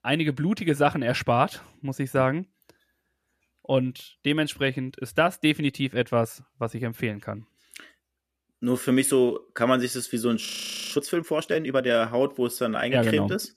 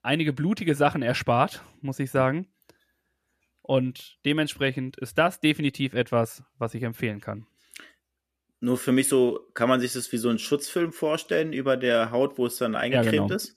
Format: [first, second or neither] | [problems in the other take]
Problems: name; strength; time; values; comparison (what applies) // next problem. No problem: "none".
second | audio freezing; at 10 s